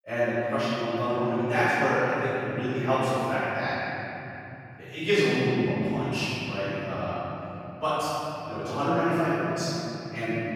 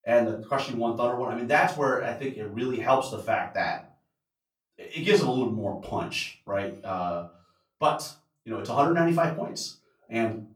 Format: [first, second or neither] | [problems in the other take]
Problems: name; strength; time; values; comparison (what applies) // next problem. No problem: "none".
second | room echo; strong; dies away in 3 s; slight in the second // off-mic speech; far; far in the second